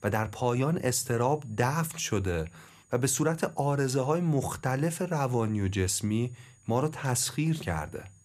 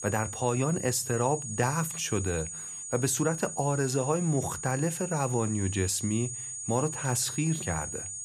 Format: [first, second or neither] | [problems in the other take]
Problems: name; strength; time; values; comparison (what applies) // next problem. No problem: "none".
first | high-pitched whine; loud; throughout; 6.5 kHz, 6 dB below the speech; faint in the first